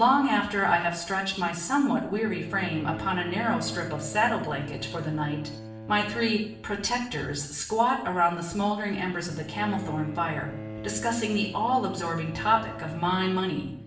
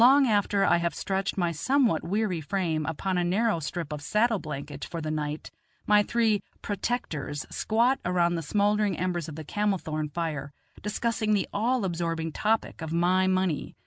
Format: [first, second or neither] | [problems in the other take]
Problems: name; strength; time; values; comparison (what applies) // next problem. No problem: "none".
second | background sound (Bowed string instrument); 13 dB below the speech // room echo; dies away in 0.6 s